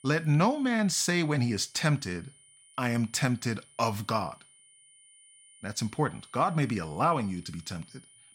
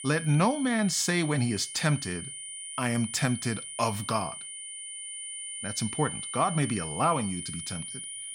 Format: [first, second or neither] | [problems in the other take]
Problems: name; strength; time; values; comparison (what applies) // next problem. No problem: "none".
first | high-pitched whine; loud; throughout; 9.5 kHz, 8 dB below the speech; faint in the first